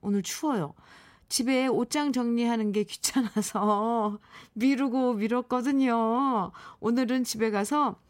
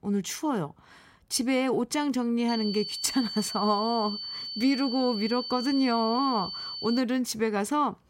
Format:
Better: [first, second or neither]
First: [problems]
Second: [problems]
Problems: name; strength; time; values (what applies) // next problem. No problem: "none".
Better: first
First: none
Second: high-pitched whine; loud; from 2.5 to 7 s; 4.5 kHz, 6 dB below the speech